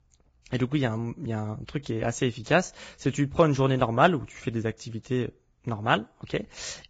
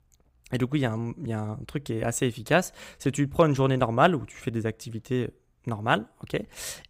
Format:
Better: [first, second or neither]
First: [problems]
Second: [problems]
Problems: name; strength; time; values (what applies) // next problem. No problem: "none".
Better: second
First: garbled, watery; badly; nothing above 7.5 kHz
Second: none